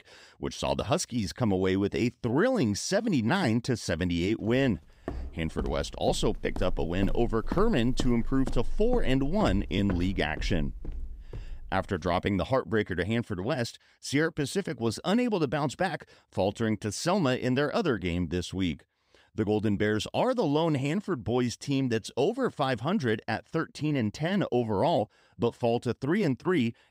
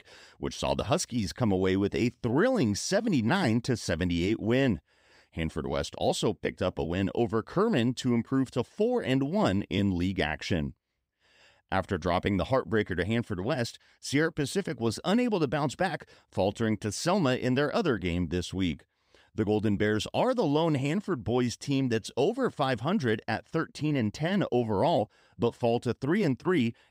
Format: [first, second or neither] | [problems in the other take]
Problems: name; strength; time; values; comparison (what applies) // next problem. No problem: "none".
second | footsteps; noticeable; from 5 to 12 s; peak 8 dB below the speech